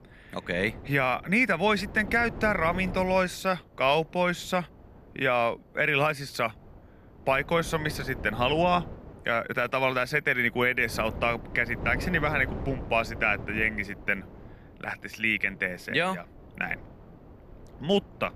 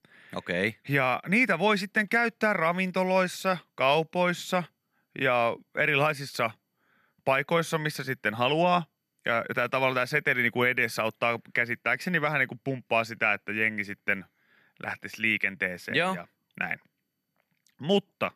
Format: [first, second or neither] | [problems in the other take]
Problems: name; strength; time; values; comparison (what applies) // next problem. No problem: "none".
second | wind noise on the microphone; occasional gusts; 20 dB below the speech